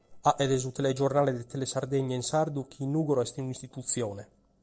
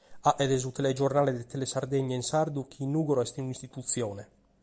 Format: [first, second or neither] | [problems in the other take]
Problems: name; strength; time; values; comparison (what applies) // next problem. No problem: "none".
second | noise reduction (neural separator model SepFormer DNS4)